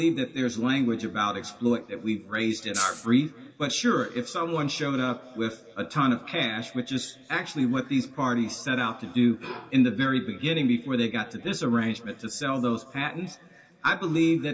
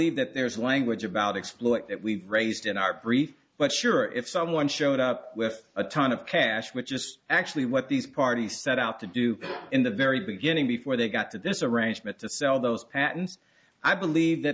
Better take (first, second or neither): second